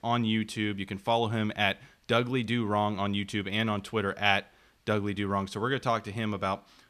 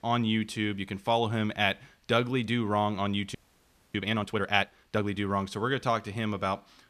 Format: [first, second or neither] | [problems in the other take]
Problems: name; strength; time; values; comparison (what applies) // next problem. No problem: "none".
first | audio freezing; at 3.5 s for 0.5 s